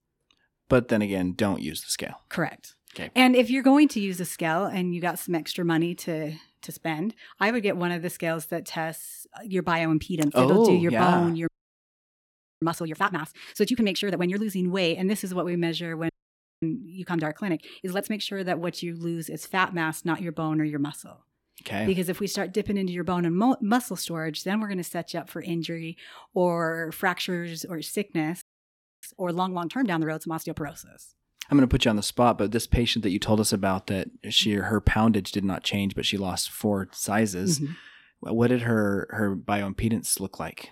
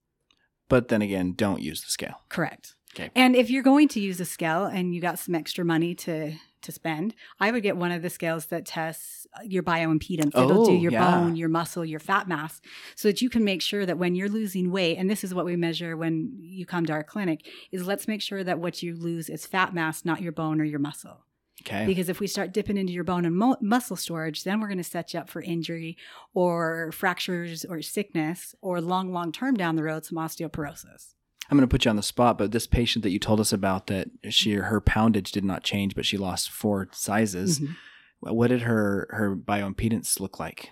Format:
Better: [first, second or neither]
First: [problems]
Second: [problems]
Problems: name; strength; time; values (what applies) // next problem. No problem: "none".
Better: second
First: audio freezing; at 11 s for 1 s, at 16 s for 0.5 s and at 28 s for 0.5 s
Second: none